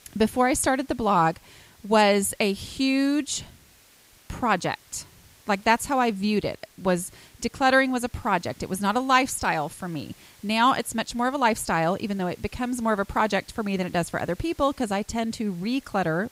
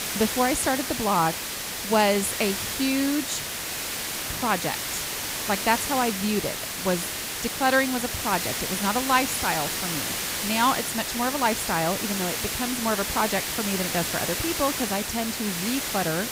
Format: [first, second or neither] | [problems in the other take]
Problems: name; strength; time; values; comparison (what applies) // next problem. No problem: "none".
first | hiss; loud; throughout; 1 dB below the speech; faint in the first